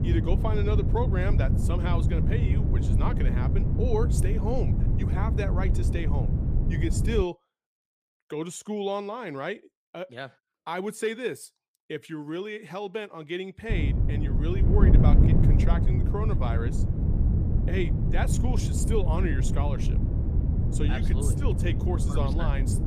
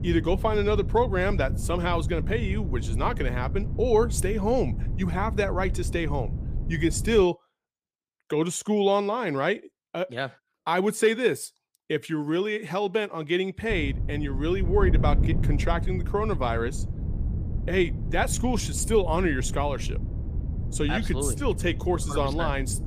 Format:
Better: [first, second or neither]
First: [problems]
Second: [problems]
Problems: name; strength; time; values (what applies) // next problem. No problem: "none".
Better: second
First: wind noise on the microphone; heavy; until 7 s and from 14 s on; 3 dB below the speech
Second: wind noise on the microphone; occasional gusts; until 7 s and from 14 s on; 15 dB below the speech